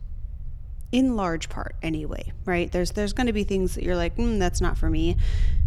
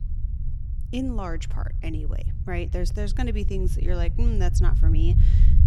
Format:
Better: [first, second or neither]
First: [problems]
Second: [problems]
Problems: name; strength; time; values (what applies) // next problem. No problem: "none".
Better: first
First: low rumble; faint; throughout; 25 dB below the speech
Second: low rumble; loud; throughout; 8 dB below the speech